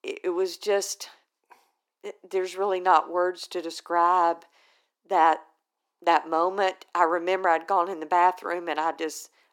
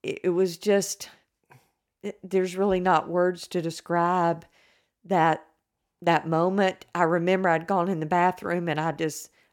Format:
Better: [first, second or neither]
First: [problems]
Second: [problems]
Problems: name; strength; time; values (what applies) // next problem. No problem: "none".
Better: second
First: thin; very; fading below 300 Hz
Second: none